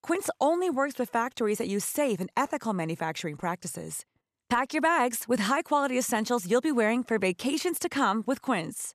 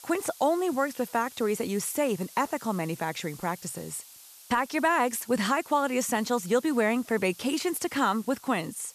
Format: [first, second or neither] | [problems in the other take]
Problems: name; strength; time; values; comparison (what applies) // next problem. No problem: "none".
first | hiss; noticeable; throughout; 20 dB below the speech